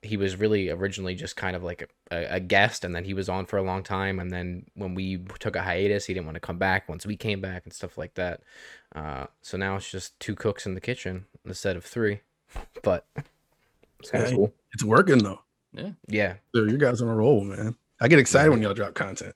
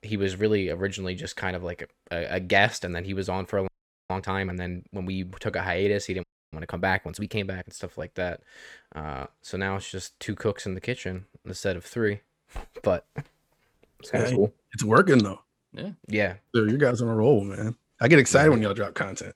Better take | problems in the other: first | audio freezing; at 3.5 s and at 6 s

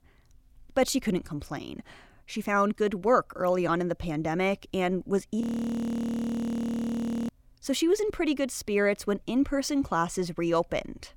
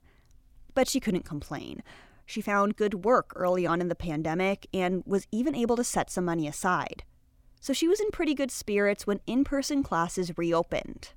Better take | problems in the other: second | audio freezing; at 5.5 s for 2 s

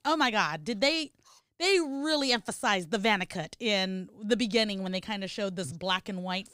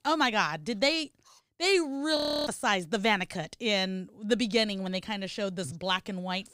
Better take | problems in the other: first | audio freezing; at 2 s

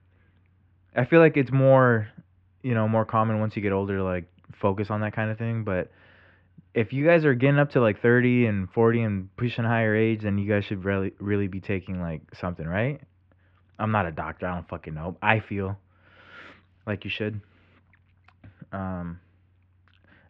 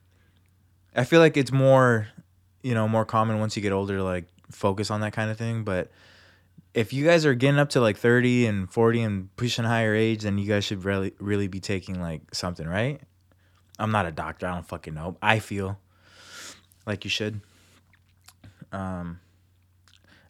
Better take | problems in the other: second | muffled; very; fading above 2.5 kHz

